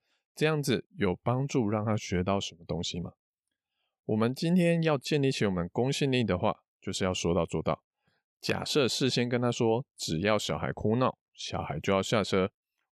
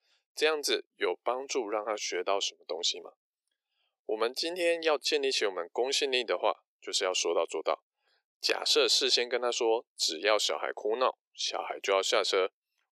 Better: first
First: none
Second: thin; very; fading below 350 Hz

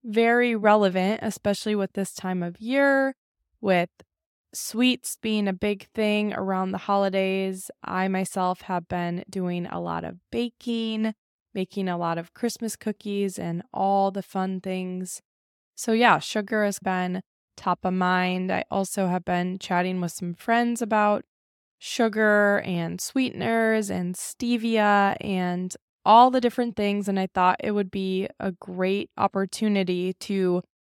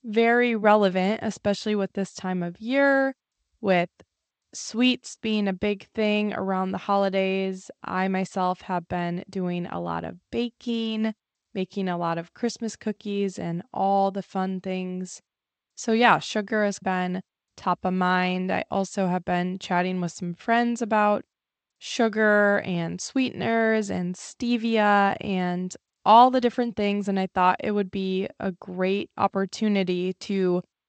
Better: first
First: none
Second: garbled, watery; slightly; nothing above 8 kHz

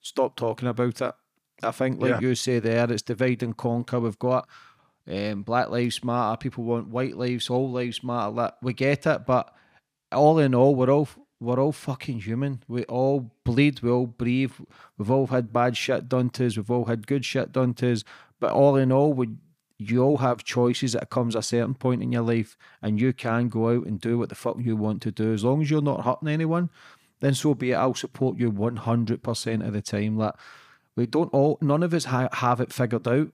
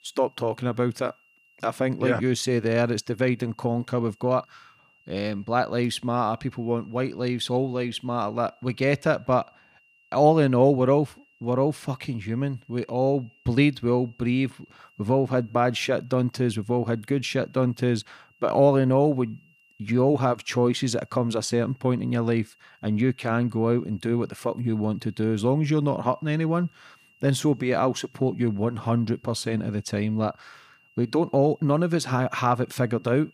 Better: first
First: none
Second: high-pitched whine; faint; throughout; 3 kHz, 35 dB below the speech

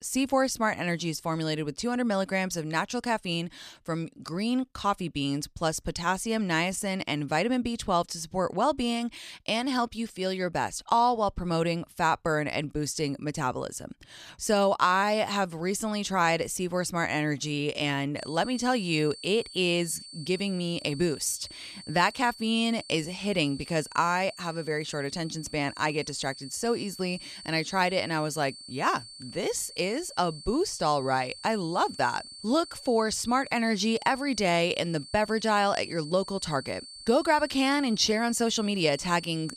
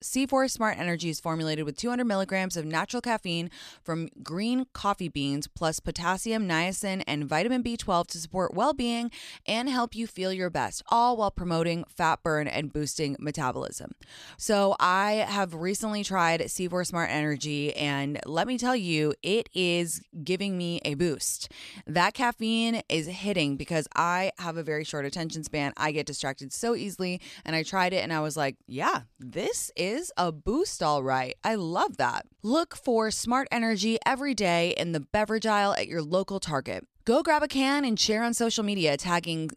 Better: second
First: high-pitched whine; noticeable; from 18 s on; 4.5 kHz, 15 dB below the speech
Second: none

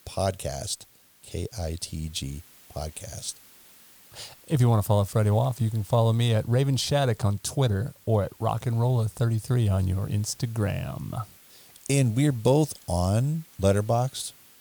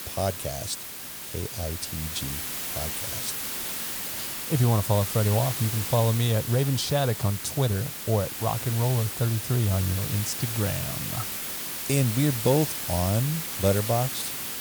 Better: first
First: hiss; faint; throughout; 25 dB below the speech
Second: hiss; loud; throughout; 4 dB below the speech

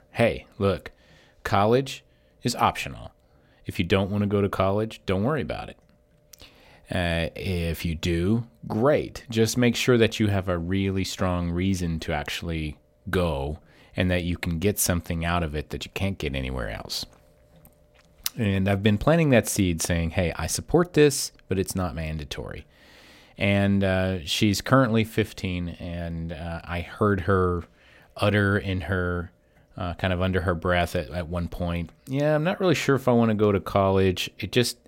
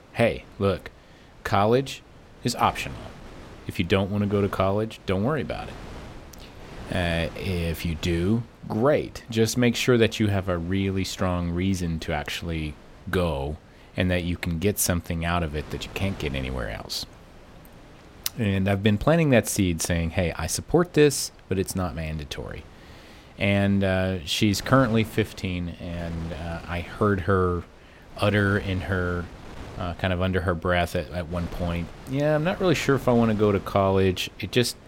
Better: first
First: none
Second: wind noise on the microphone; occasional gusts; 20 dB below the speech

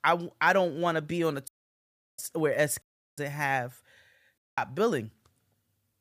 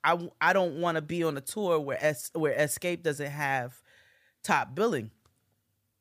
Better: second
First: audio cutting out; at 1.5 s for 0.5 s, at 3 s and at 4.5 s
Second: none

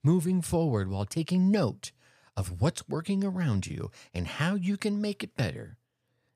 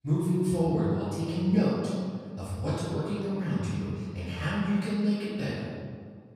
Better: first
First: none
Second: off-mic speech; far // room echo; strong; dies away in 1.7 s

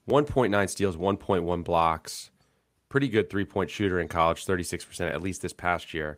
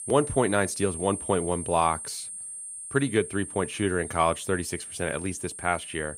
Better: first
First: none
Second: high-pitched whine; loud; throughout; 8.5 kHz, 8 dB below the speech

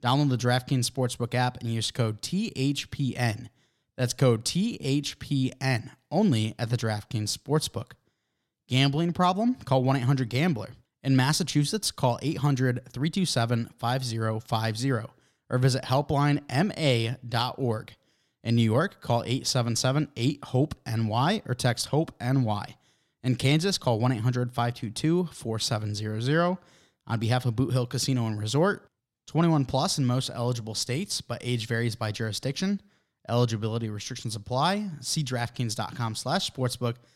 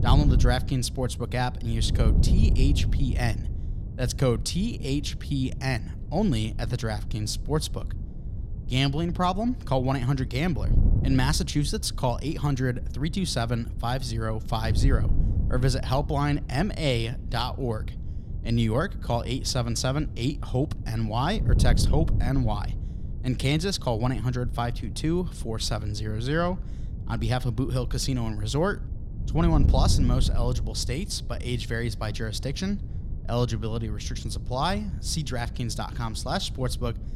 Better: first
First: none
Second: wind noise on the microphone; occasional gusts; 15 dB below the speech

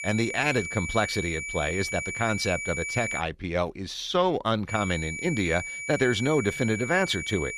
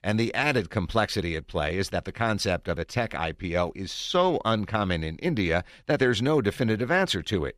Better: second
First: high-pitched whine; loud; until 3 s and from 4.5 s on; 2.5 kHz, 5 dB below the speech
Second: none

